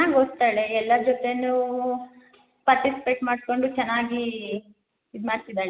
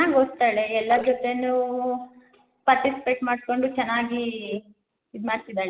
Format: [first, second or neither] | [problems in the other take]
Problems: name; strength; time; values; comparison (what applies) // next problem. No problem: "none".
first | noise reduction (neural separator model SepFormer DNS4)